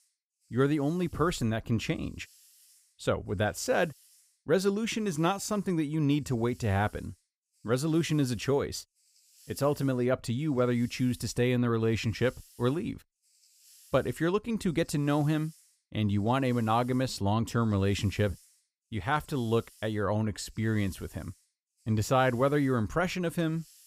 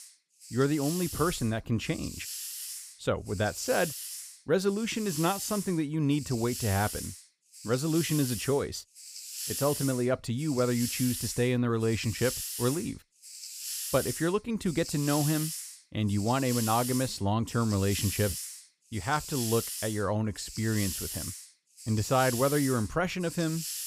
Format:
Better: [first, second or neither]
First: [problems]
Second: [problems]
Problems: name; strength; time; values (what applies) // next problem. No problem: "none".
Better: first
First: hiss; faint; throughout; 30 dB below the speech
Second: hiss; loud; throughout; 7 dB below the speech